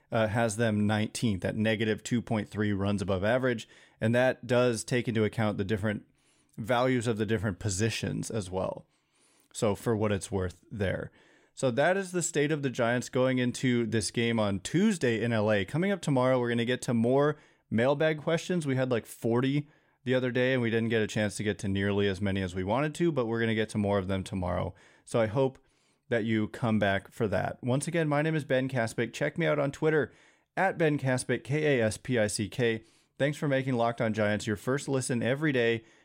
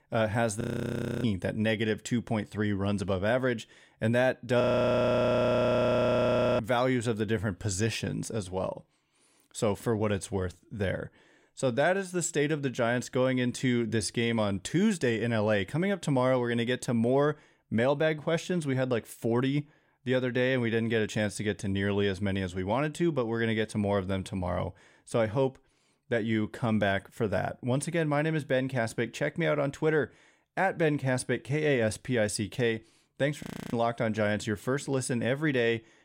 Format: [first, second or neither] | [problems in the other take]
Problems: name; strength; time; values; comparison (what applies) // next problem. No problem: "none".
first | audio freezing; at 0.5 s for 0.5 s, at 4.5 s for 2 s and at 33 s